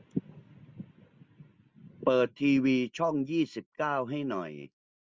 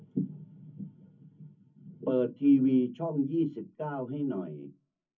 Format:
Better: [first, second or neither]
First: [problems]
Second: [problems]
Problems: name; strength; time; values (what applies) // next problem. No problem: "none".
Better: first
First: none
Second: room echo; dies away in 0.3 s